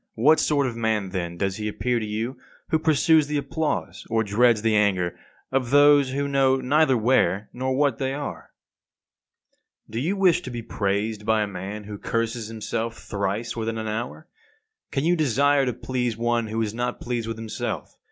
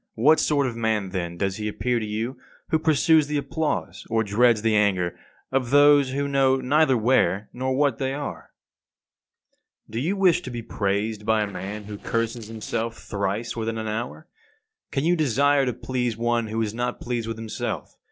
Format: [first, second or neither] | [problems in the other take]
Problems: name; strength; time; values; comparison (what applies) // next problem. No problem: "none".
first | noise reduction (neural separator model SepFormer DNS4)